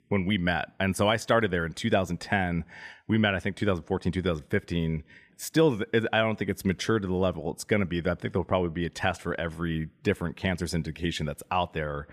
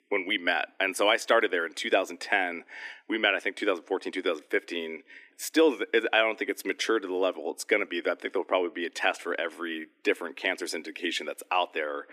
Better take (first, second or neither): first